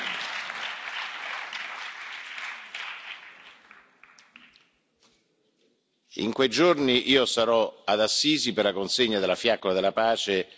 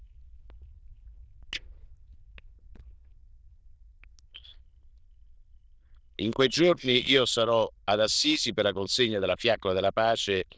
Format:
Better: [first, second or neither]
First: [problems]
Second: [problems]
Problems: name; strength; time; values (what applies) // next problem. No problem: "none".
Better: first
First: none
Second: noise reduction (neural diffusion model UNIVERSE++)